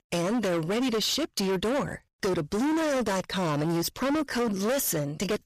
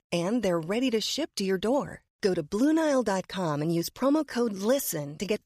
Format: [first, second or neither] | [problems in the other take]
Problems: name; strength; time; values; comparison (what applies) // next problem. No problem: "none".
second | distortion; heavy; 31% of the sound clipped